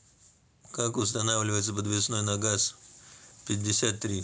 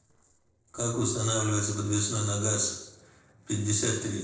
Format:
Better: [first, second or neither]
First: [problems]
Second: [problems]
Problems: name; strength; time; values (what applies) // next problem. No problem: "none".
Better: first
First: none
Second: noise reduction (neural separator model SepFormer DNS4)